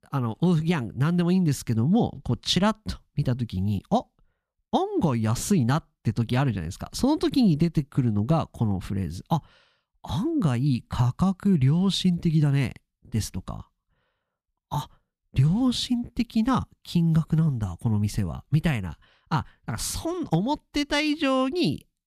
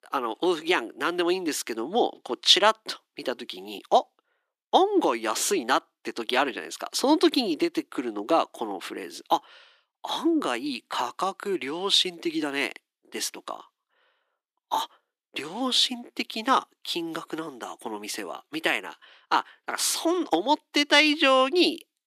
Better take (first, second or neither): first